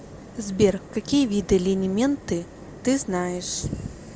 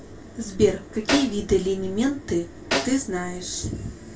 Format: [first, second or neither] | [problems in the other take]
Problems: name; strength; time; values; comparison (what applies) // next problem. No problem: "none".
first | background sound (Snare drum); 6 dB below the speech // room echo; dies away in 0.2 s